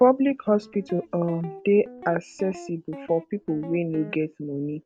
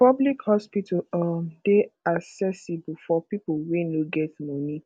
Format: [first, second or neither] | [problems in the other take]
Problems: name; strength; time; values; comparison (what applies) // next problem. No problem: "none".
second | background sound (Guitar); 17 dB below the speech